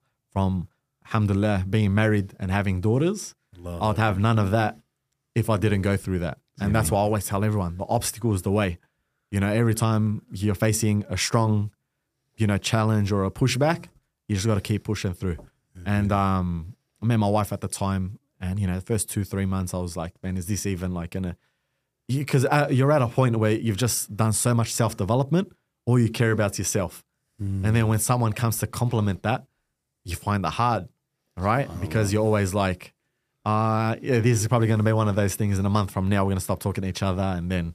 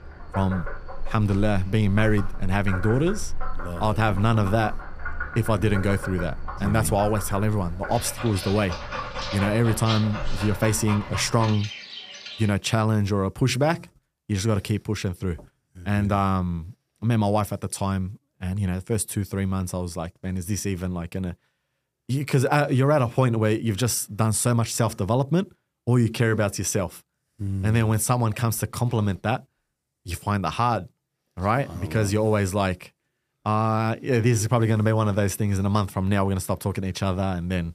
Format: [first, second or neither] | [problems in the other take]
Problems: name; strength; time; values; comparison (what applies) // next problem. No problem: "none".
first | animal sounds; noticeable; until 12 s; 10 dB below the speech